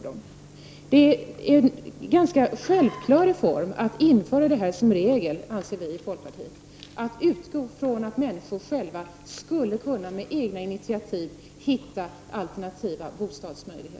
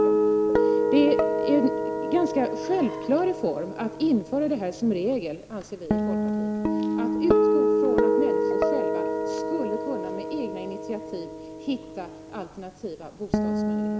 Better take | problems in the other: first | background sound (Guitar); 3 dB above the speech

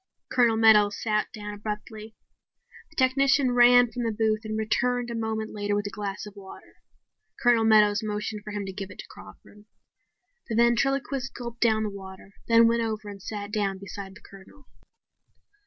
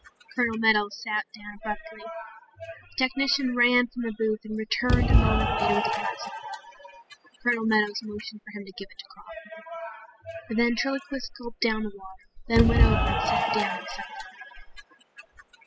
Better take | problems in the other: first | noise reduction (classical method spectral subtraction)

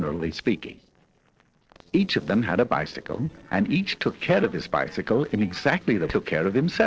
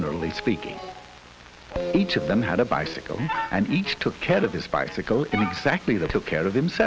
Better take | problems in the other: second | noise reduction (neural separator model SepFormer DNS4)

